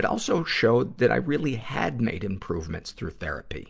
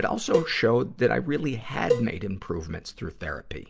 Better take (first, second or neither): first